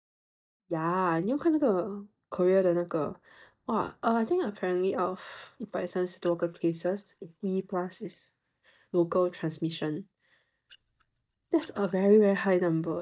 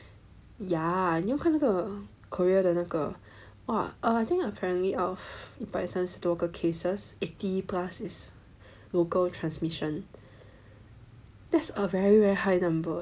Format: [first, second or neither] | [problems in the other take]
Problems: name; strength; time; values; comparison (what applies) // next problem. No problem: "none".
second | noise reduction (neural mask model DeepFilterNet 3)